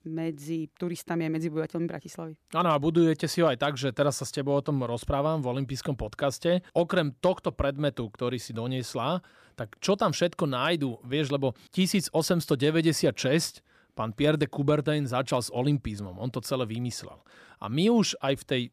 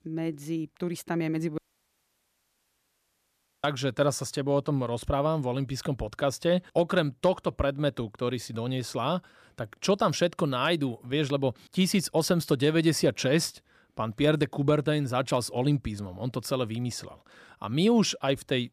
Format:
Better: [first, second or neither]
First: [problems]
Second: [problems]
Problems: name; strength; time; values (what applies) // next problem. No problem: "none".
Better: first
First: none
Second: audio cutting out; at 1.5 s for 2 s